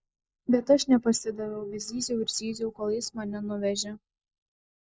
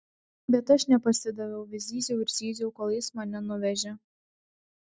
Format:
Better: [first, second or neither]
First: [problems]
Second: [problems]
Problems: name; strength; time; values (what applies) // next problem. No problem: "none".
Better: second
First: noise reduction (neural mask model Resemble Enhance denoiser)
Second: none